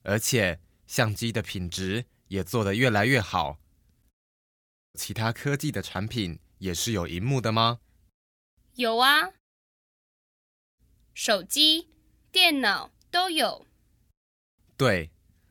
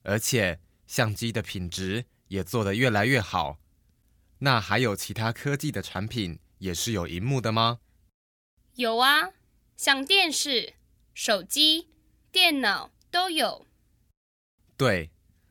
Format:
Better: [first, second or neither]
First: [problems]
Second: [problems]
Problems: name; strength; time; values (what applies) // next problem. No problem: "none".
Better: second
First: audio cutting out; at 4 s for 1 s and at 9.5 s for 1.5 s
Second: none